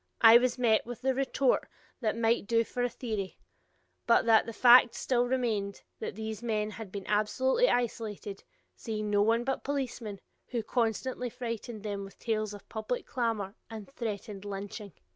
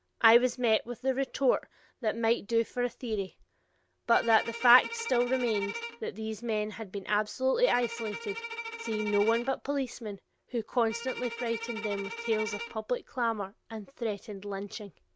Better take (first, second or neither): first